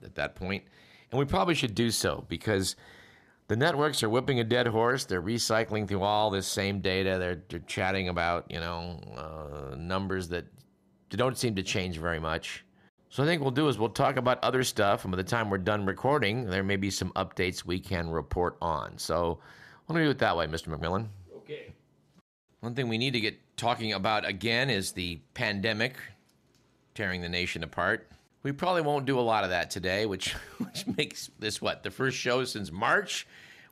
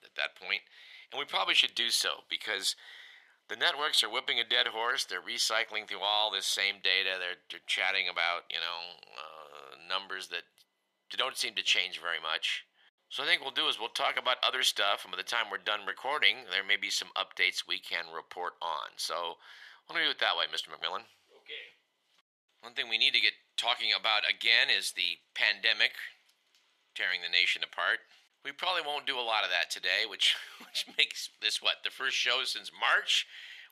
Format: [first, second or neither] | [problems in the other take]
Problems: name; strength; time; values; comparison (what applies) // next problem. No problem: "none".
first | thin; very; fading below 850 Hz